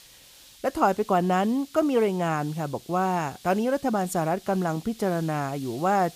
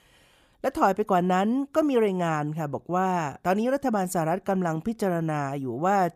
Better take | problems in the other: second | hiss; faint; throughout; 20 dB below the speech

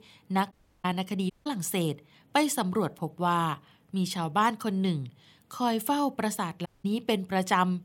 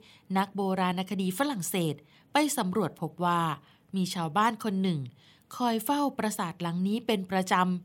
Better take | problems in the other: second | audio cutting out; at 0.5 s, at 1.5 s and at 6.5 s

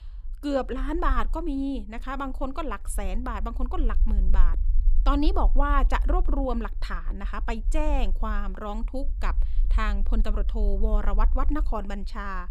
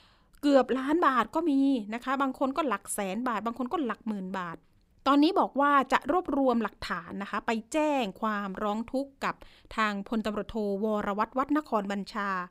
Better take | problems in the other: second | low rumble; faint; throughout; 25 dB below the speech

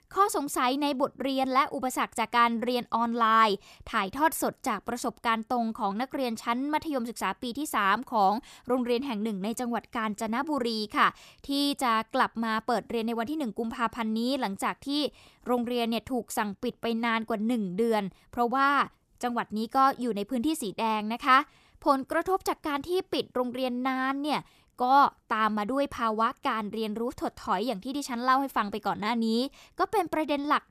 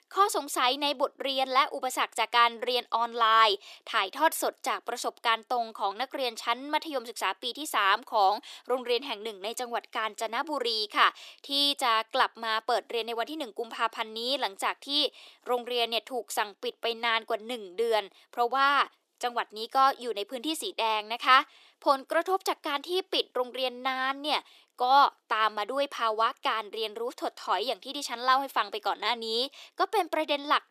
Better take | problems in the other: first | thin; somewhat; fading below 350 Hz

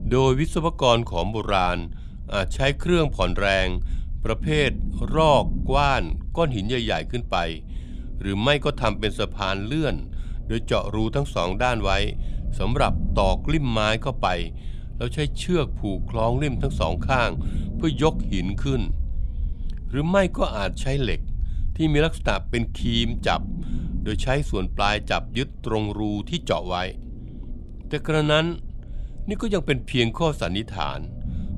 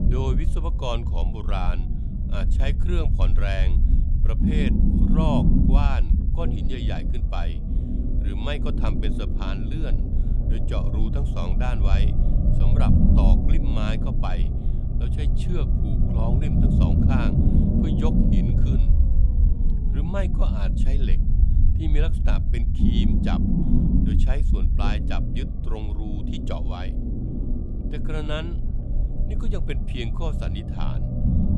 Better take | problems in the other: first | low rumble; loud; throughout; 1 dB below the speech; faint in the first

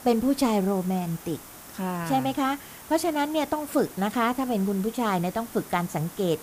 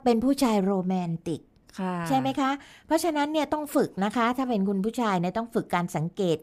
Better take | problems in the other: second | hiss; noticeable; throughout; 15 dB below the speech

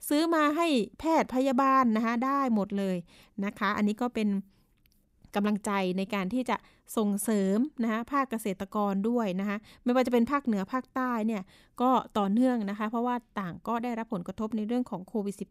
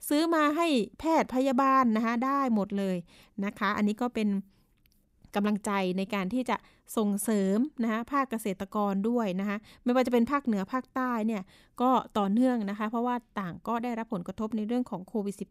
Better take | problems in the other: neither | none

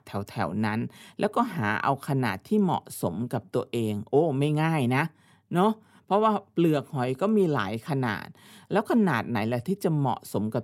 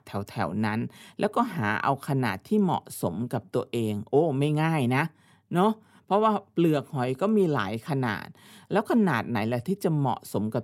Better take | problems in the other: neither | none

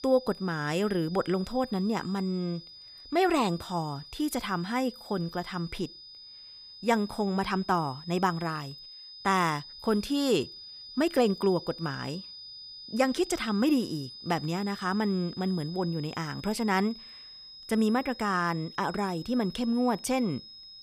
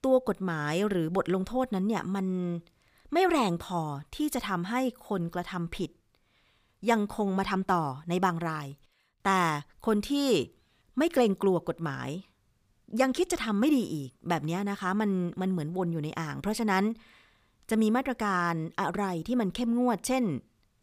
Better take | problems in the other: second | high-pitched whine; noticeable; throughout; 5 kHz, 15 dB below the speech

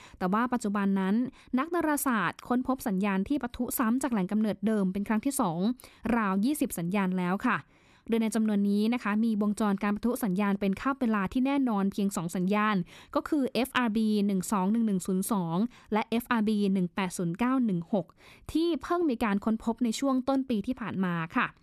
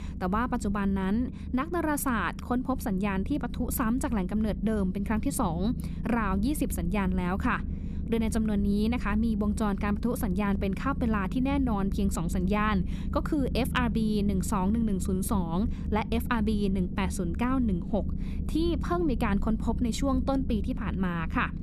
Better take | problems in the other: first | low rumble; noticeable; throughout; 15 dB below the speech

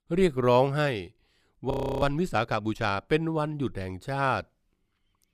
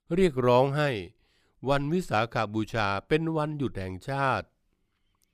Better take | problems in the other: second | audio freezing; at 1.5 s

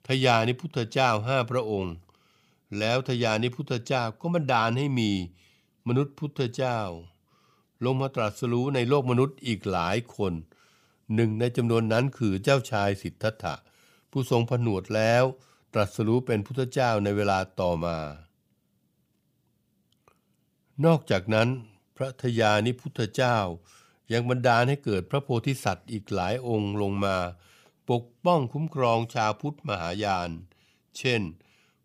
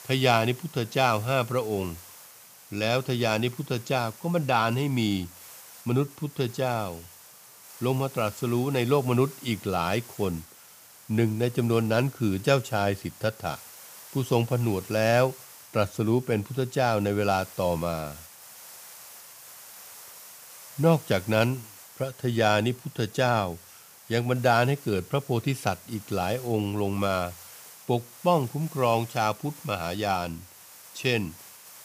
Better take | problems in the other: first | hiss; noticeable; throughout; 20 dB below the speech

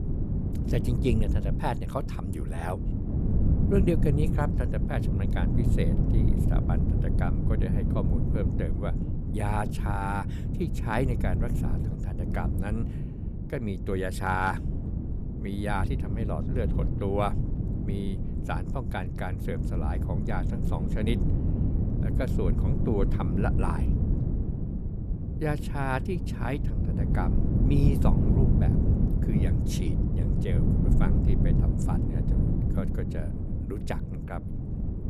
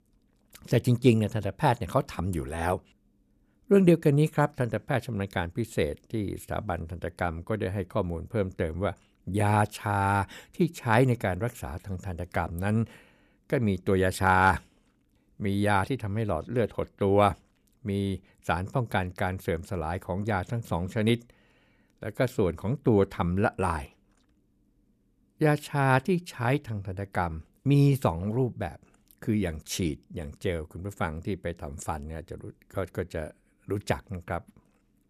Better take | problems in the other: second | wind noise on the microphone; heavy; 4 dB below the speech

